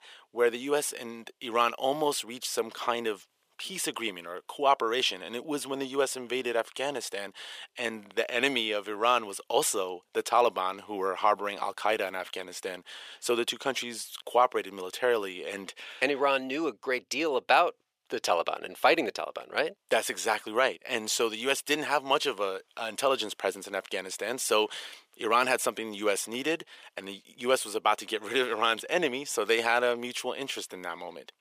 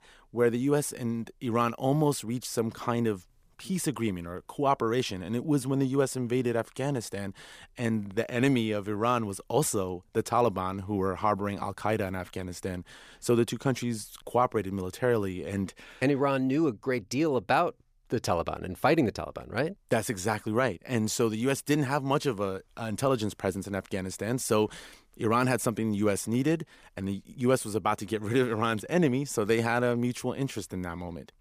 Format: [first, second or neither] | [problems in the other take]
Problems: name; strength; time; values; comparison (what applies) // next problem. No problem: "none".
second | thin; somewhat; fading below 550 Hz